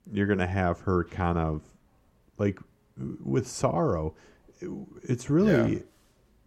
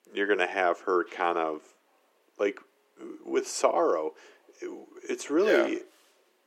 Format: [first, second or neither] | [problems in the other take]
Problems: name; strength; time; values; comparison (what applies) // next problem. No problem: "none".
first | thin; very; fading below 350 Hz